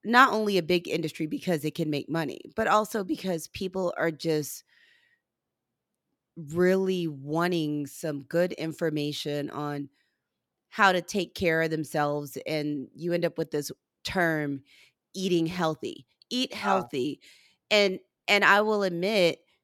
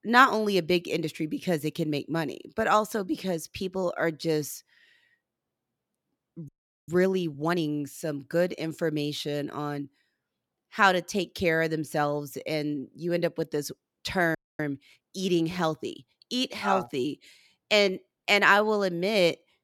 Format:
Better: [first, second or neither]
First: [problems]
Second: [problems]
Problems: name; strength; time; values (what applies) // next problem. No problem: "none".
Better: first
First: none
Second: audio freezing; at 6.5 s and at 14 s